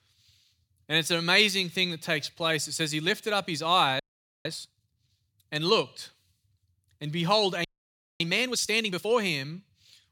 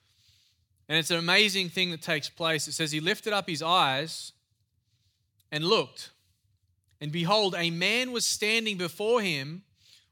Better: second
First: audio freezing; at 4 s and at 7.5 s for 0.5 s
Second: none

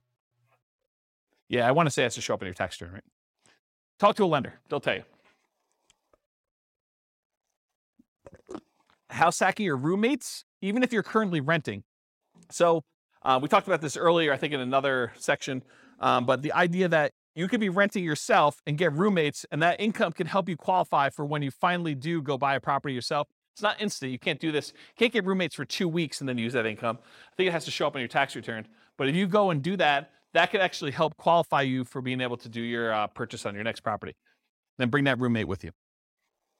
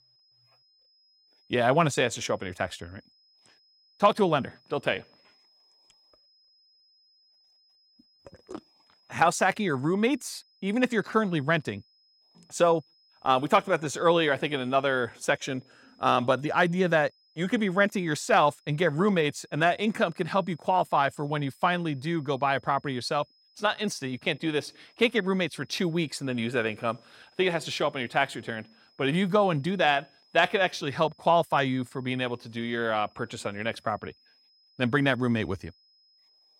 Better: first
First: none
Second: high-pitched whine; faint; throughout; 5 kHz, 35 dB below the speech

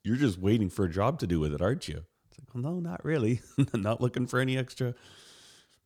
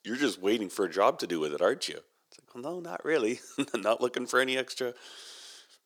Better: first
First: none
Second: thin; somewhat; fading below 350 Hz

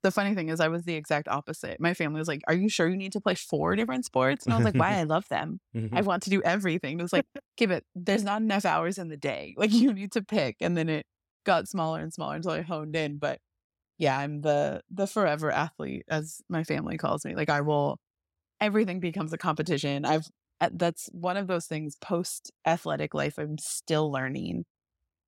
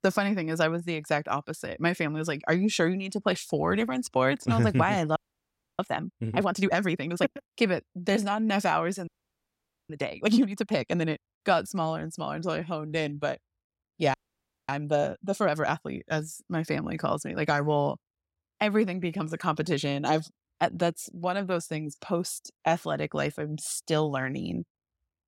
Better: first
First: none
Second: audio freezing; at 5 s for 0.5 s, at 9 s for 1 s and at 14 s for 0.5 s

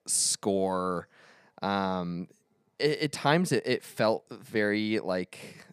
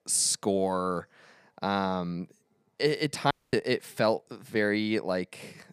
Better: first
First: none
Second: audio cutting out; at 3.5 s

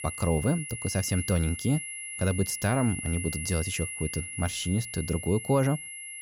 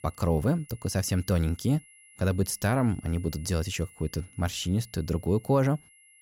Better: second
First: high-pitched whine; loud; throughout; 11 kHz, 7 dB below the speech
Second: high-pitched whine; faint; throughout; 11 kHz, 25 dB below the speech

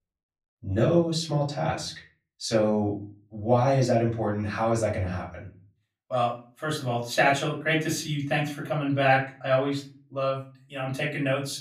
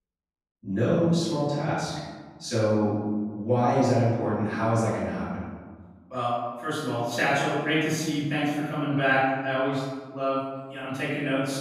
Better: first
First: room echo; slight; dies away in 0.3 s // off-mic speech; far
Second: room echo; strong; dies away in 1.5 s // off-mic speech; far

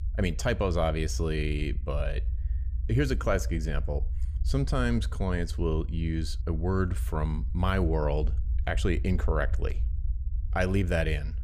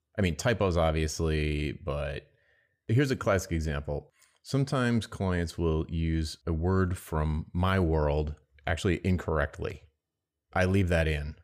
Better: second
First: low rumble; faint; throughout; 20 dB below the speech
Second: none

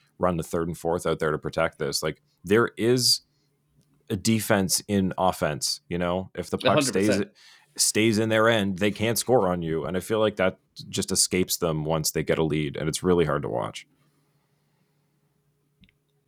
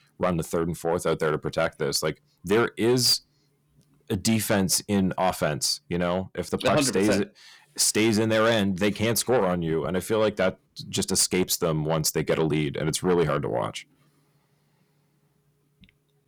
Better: first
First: none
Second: distortion; slight; 10 dB below the speech

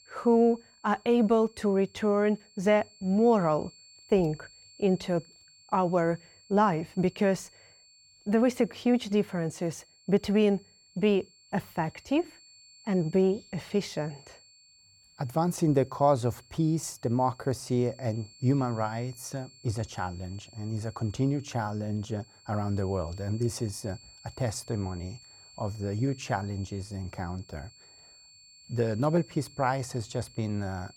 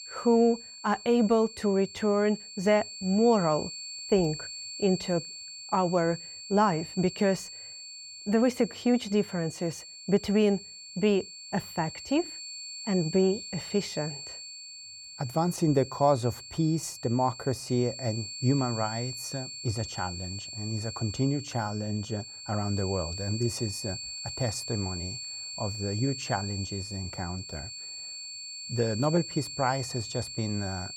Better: first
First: high-pitched whine; faint; throughout; 4.5 kHz, 25 dB below the speech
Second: high-pitched whine; loud; throughout; 4.5 kHz, 10 dB below the speech

